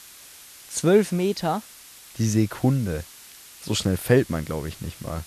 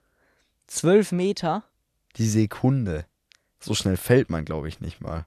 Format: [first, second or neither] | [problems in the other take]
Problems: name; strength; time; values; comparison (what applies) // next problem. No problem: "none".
second | hiss; noticeable; throughout; 20 dB below the speech